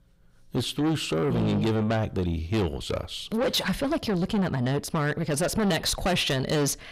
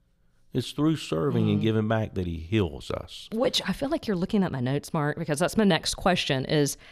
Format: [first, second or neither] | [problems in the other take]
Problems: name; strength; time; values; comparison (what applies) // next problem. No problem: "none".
second | distortion; heavy; 7 dB below the speech